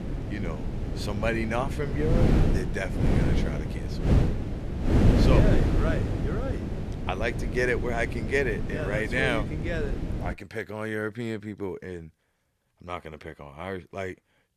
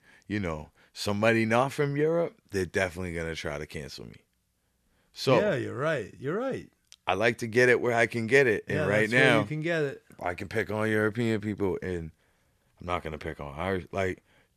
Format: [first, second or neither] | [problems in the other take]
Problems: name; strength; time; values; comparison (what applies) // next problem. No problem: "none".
second | wind noise on the microphone; heavy; until 10 s; 3 dB below the speech